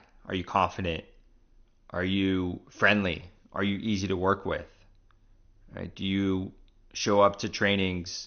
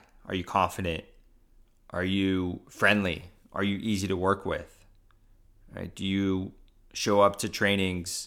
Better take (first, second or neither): second